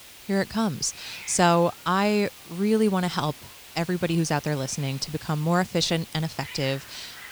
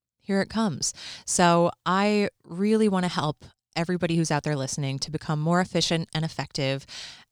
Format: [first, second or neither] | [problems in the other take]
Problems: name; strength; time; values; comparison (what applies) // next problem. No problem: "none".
second | hiss; noticeable; throughout; 15 dB below the speech